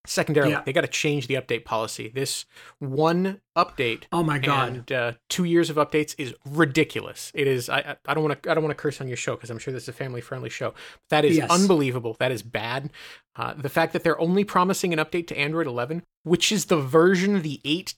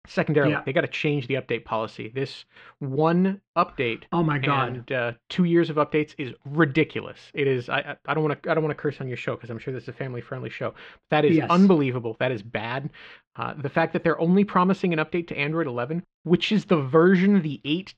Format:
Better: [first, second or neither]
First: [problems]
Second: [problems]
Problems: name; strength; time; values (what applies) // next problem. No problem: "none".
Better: first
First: none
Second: muffled; slightly; fading above 3 kHz